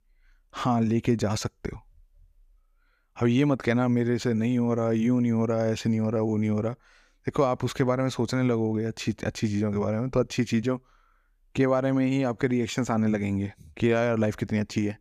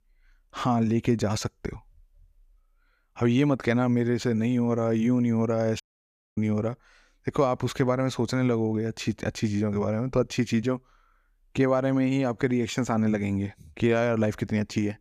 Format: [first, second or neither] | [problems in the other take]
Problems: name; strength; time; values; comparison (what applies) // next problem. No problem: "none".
first | audio cutting out; at 6 s for 0.5 s